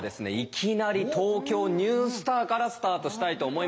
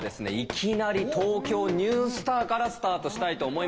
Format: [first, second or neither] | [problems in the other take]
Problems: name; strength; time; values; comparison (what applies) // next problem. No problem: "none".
first | background sound (Run); 14 dB below the speech